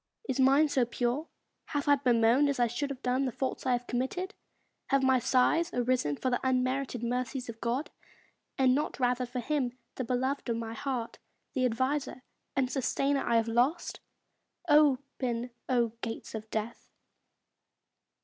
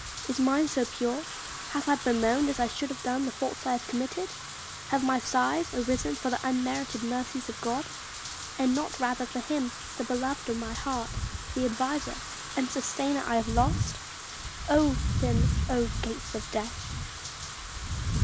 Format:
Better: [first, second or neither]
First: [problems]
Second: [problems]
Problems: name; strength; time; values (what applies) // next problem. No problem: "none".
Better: first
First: none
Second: background sound (Wind / Rain); 4 dB below the speech